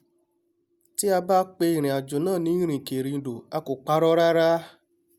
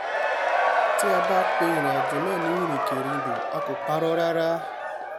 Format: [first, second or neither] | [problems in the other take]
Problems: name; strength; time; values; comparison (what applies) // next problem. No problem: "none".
first | background sound (Crowd / Cheering); 3 dB above the speech